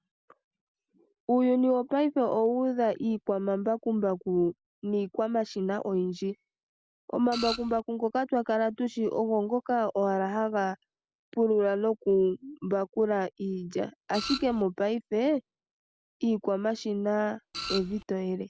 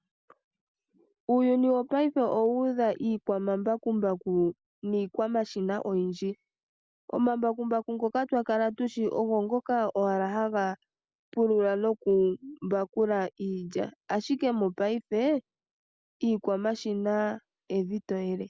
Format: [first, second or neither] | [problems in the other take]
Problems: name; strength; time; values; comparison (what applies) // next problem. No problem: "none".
second | background sound (Printer); 8 dB below the speech